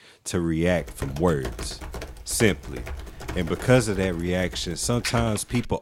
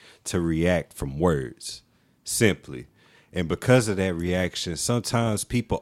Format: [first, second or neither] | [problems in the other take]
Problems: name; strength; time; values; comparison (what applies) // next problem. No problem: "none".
second | keyboard typing; noticeable; from 0.5 s on; peak 6 dB below the speech